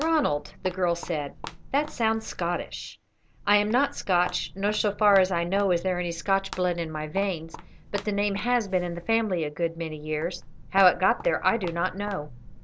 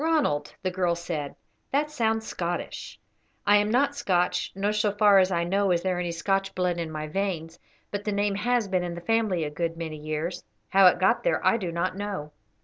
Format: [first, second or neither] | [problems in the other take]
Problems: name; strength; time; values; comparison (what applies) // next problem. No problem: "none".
second | background sound (Walk, footsteps); 15 dB below the speech